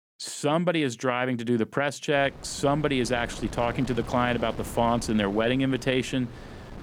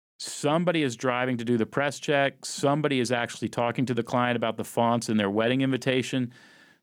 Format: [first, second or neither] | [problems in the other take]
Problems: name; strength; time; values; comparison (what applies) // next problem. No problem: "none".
second | wind noise on the microphone; occasional gusts; from 2 s on; 15 dB below the speech